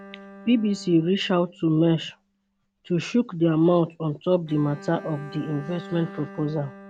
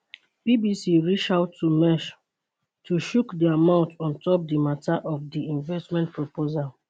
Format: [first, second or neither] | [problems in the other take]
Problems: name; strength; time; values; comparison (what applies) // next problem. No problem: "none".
second | background sound (Bowed string instrument); 20 dB below the speech